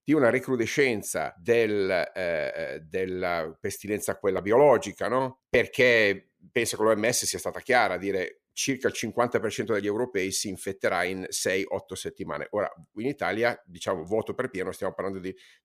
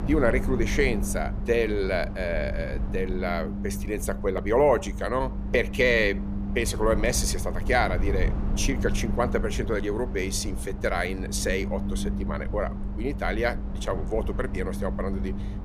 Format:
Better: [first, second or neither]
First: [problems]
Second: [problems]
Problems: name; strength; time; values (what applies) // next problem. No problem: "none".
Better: first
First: none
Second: low rumble; noticeable; throughout; 15 dB below the speech